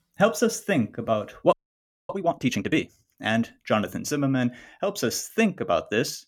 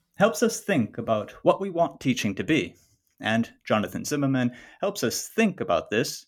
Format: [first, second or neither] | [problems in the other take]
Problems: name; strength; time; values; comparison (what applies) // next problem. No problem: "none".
second | audio freezing; at 1.5 s for 0.5 s